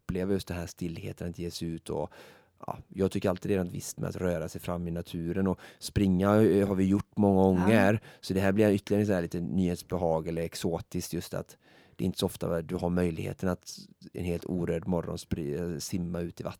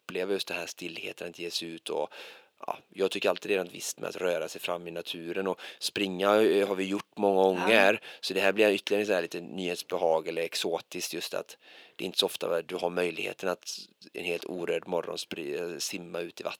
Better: first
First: none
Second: thin; somewhat; fading below 450 Hz

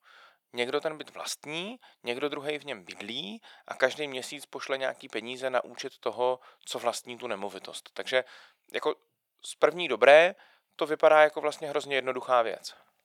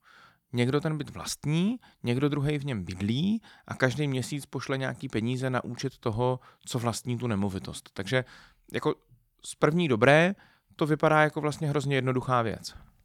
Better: second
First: thin; very; fading below 500 Hz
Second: none

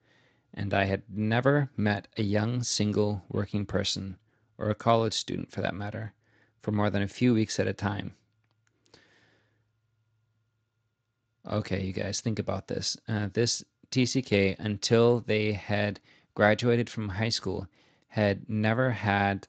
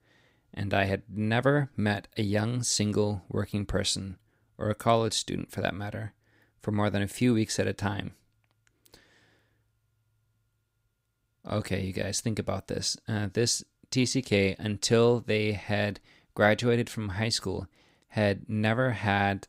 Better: second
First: garbled, watery; slightly; nothing above 7.5 kHz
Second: none

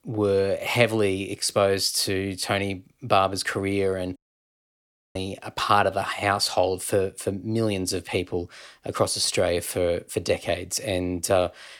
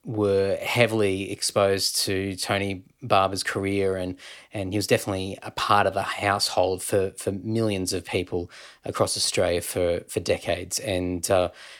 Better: second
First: audio cutting out; at 4 s for 1 s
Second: none

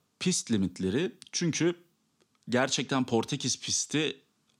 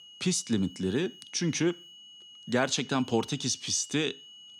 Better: first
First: none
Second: high-pitched whine; noticeable; throughout; 3 kHz, 20 dB below the speech

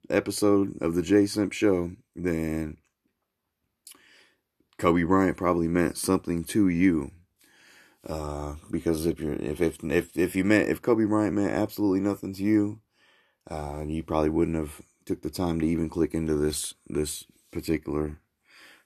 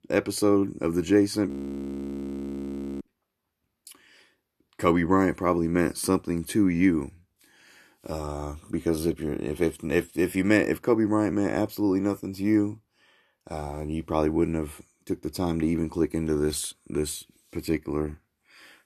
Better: first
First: none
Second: audio freezing; at 1.5 s for 1.5 s

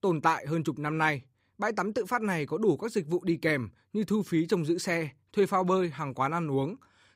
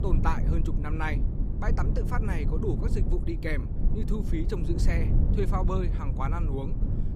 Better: first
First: none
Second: low rumble; loud; throughout; 6 dB below the speech

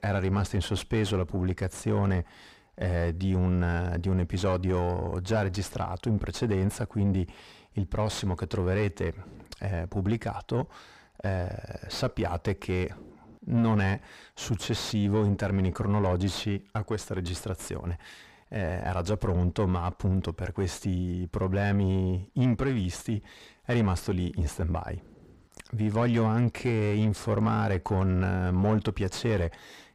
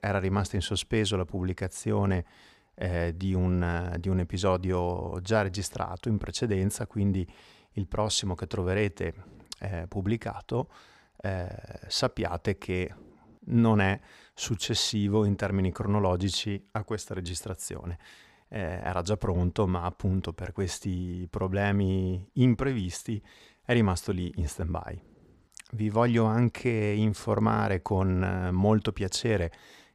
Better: second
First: distortion; slight; 9 dB below the speech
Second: none

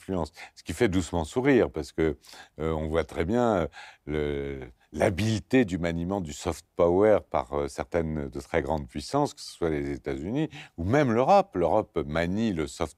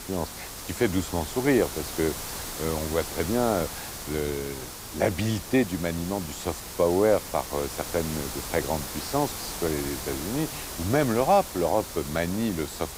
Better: first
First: none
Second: hiss; loud; throughout; 7 dB below the speech

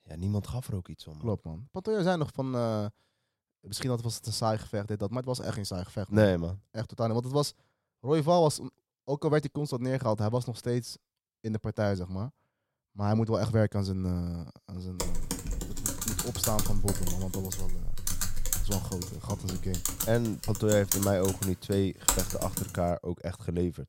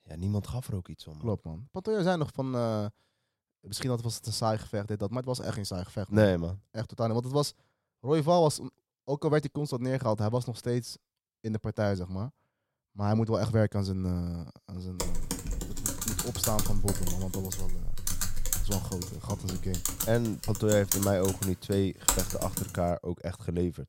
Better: neither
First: keyboard typing; loud; from 15 to 23 s; peak 4 dB above the speech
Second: keyboard typing; loud; from 15 to 23 s; peak 4 dB above the speech

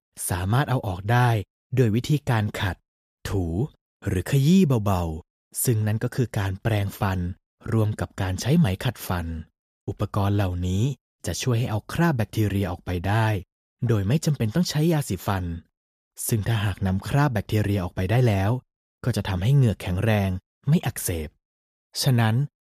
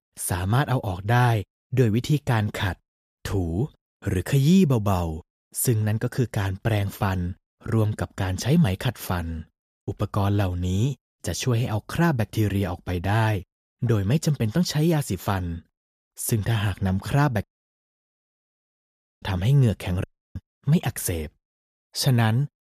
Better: first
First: none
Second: audio cutting out; at 17 s for 2 s and at 20 s

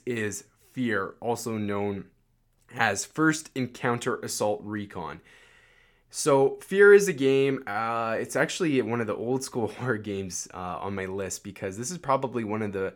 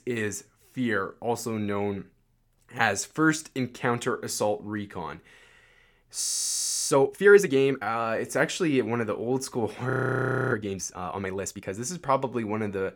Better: first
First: none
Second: audio freezing; at 6 s for 0.5 s and at 10 s for 0.5 s

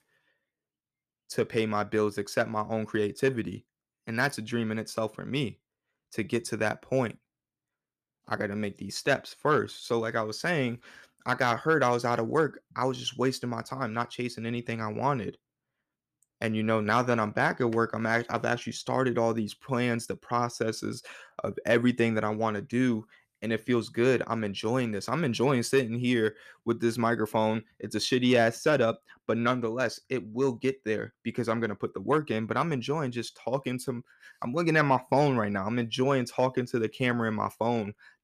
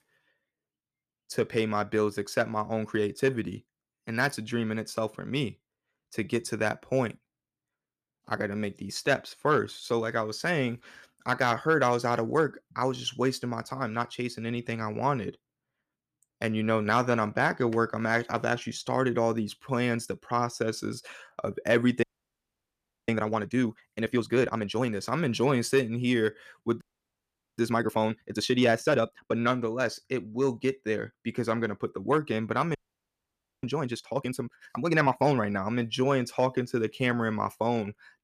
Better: first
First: none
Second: audio freezing; at 22 s for 1 s, at 27 s for 1 s and at 33 s for 1 s

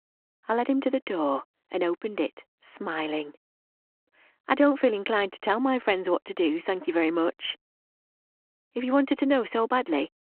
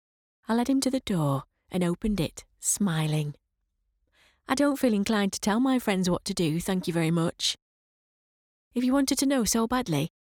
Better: second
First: phone-call audio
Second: none

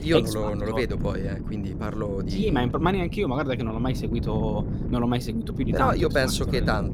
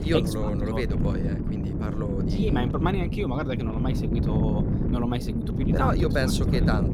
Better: first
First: wind noise on the microphone; occasional gusts; 10 dB below the speech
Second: wind noise on the microphone; heavy; 4 dB below the speech

